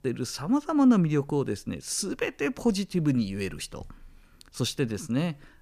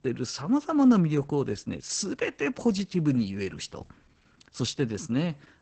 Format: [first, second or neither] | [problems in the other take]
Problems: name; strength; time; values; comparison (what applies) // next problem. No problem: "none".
first | garbled, watery; badly; nothing above 8 kHz